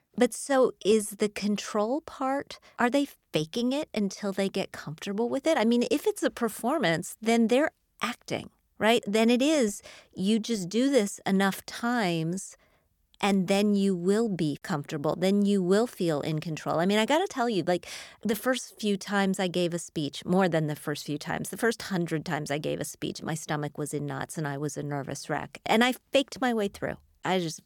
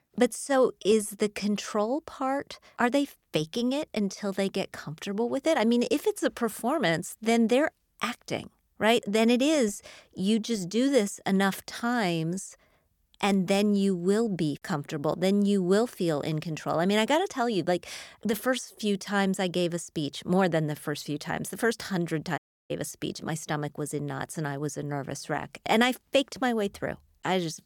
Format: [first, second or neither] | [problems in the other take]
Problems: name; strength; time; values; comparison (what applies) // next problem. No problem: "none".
first | audio cutting out; at 22 s